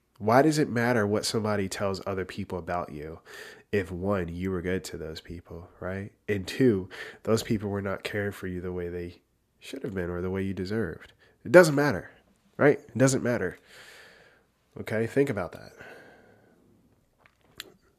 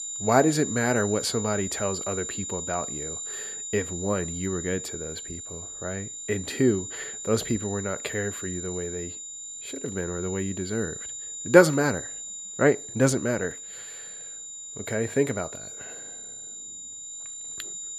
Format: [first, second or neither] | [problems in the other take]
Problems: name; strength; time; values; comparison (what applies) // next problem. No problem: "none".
first | high-pitched whine; loud; throughout; 7 kHz, 7 dB below the speech